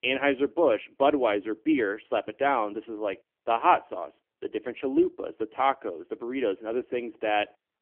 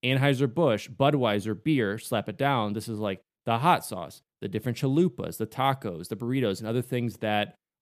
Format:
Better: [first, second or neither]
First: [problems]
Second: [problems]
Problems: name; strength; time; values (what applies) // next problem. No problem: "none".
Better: second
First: phone-call audio; poor line; nothing above 3 kHz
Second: none